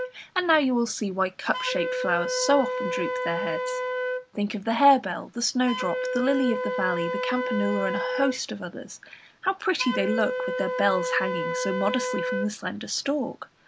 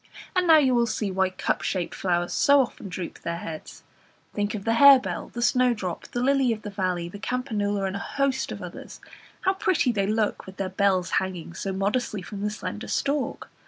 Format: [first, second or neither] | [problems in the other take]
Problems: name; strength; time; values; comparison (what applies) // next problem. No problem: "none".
second | background sound (Wind instrument, woodwind instrument); 4 dB below the speech